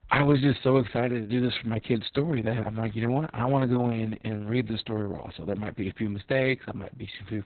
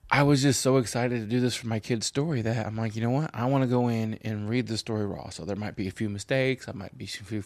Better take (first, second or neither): second